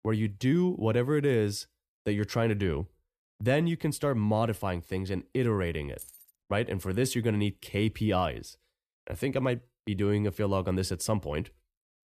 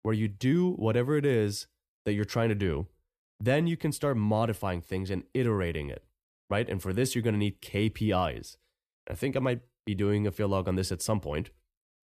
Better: second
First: jangling keys; faint; at 6 s; peak 15 dB below the speech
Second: none

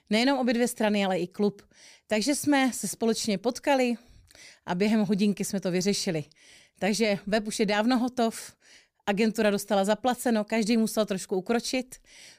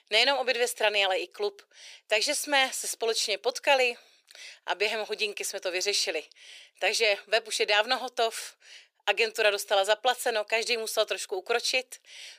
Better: first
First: none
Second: thin; very; fading below 400 Hz

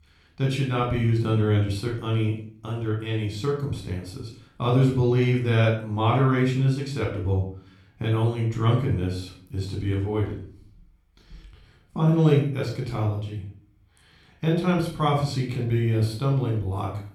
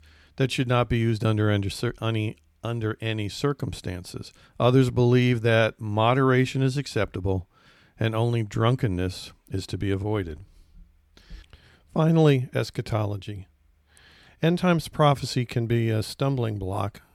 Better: second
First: off-mic speech; somewhat distant // room echo; noticeable; dies away in 0.5 s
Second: none

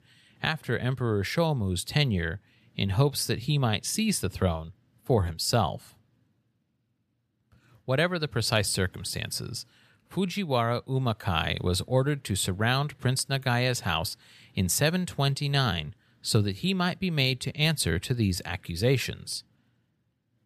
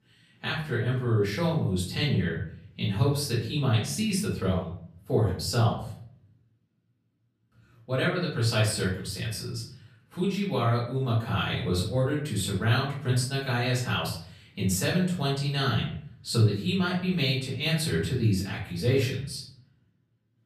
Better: first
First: none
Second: off-mic speech; far // room echo; noticeable; dies away in 0.5 s

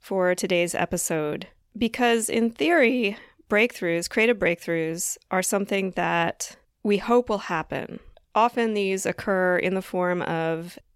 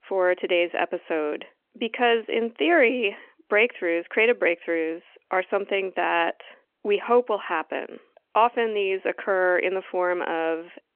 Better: first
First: none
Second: phone-call audio; nothing above 3 kHz

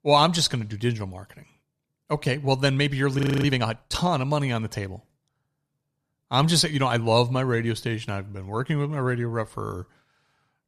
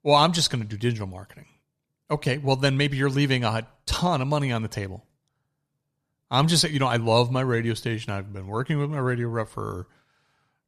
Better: second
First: audio freezing; at 3 s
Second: none

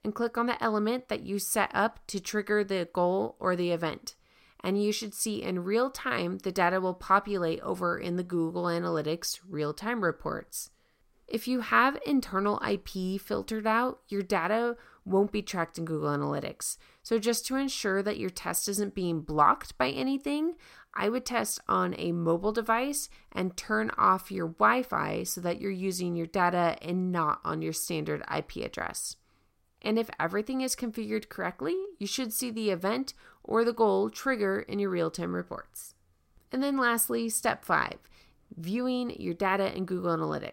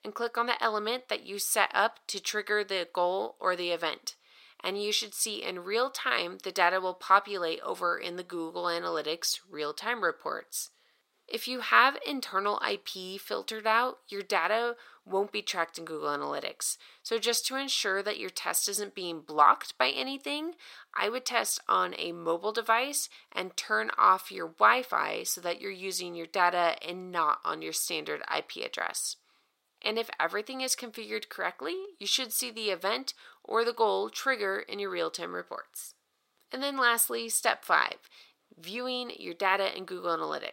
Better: first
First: none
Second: thin; somewhat; fading below 500 Hz

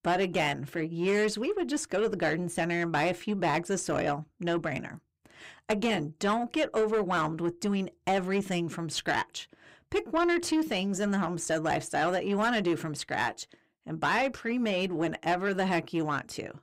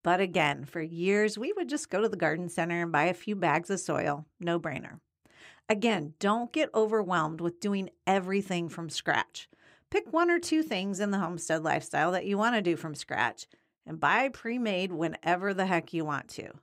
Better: second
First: distortion; slight; 10 dB below the speech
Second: none

